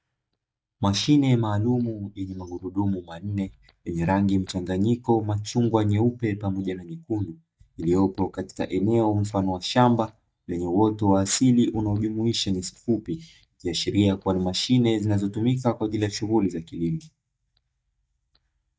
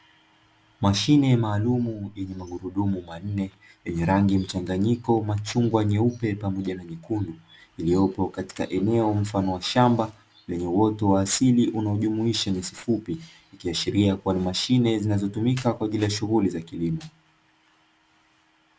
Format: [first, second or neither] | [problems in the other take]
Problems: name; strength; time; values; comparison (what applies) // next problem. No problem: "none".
second | noise reduction (neural mask model DeepFilterNet 3)